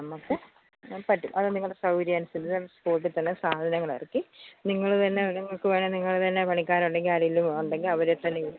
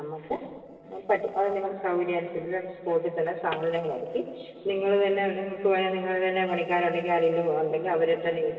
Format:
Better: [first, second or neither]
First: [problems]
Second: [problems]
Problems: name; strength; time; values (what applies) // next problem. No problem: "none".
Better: first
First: none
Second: noise reduction (neural separator model SepFormer DNS4)